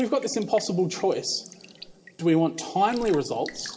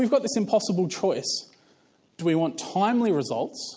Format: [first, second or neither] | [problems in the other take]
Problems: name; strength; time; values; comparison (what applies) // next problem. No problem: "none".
second | background sound (Raindrop / Drip); 20 dB below the speech // room echo; dies away in 2.3 s